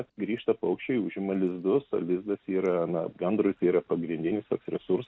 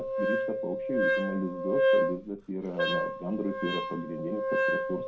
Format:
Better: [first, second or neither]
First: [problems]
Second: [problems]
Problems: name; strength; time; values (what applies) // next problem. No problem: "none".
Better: first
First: none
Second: background sound (Wind instrument, woodwind instrument); 5 dB above the speech // room echo; dies away in 0.2 s